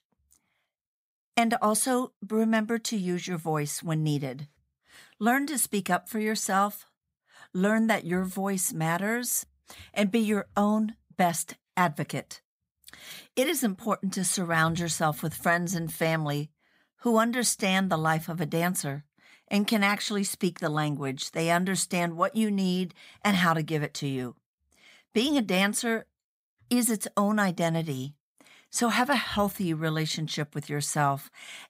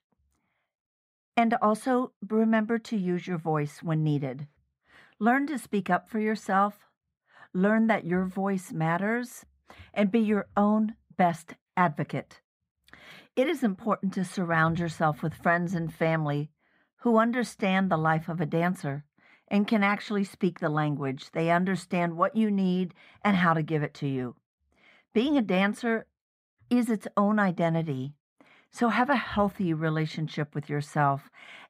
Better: first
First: none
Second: muffled; very; fading above 3.5 kHz

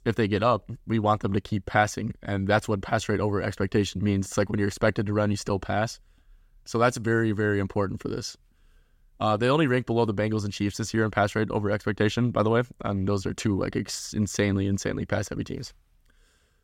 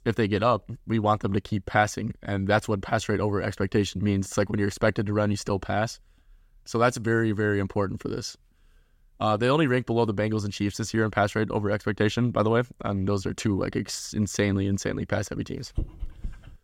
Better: first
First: none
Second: dog barking; noticeable; at 16 s; peak 9 dB below the speech

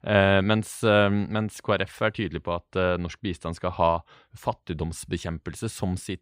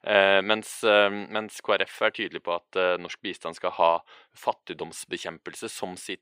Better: first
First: none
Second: thin; somewhat; fading below 400 Hz

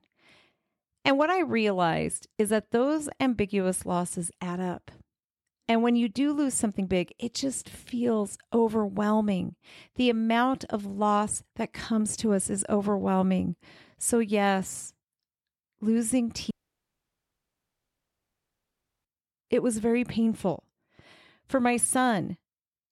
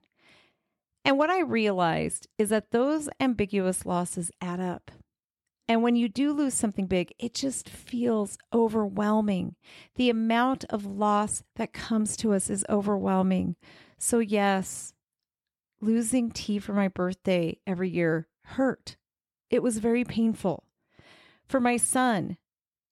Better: second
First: audio cutting out; at 17 s for 2.5 s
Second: none

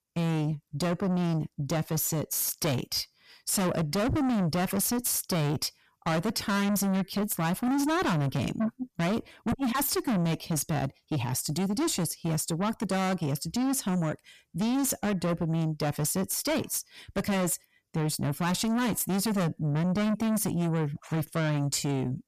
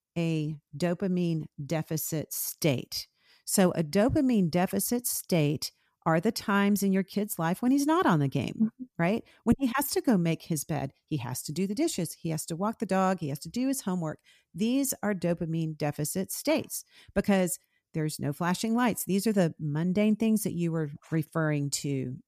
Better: second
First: distortion; heavy; 6 dB below the speech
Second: none

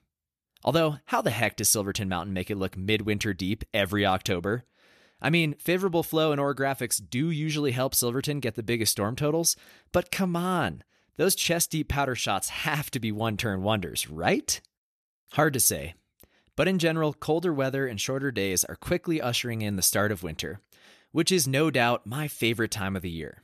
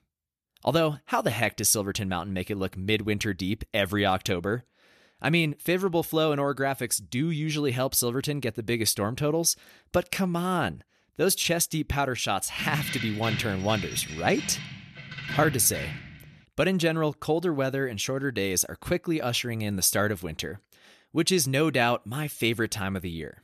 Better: first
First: none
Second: jangling keys; noticeable; from 13 to 16 s; peak 5 dB below the speech

